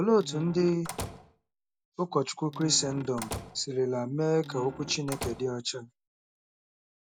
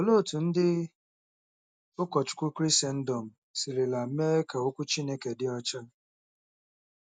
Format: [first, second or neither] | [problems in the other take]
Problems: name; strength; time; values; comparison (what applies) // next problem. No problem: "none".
second | background sound (Squeak / Slam / Wood); 12 dB below the speech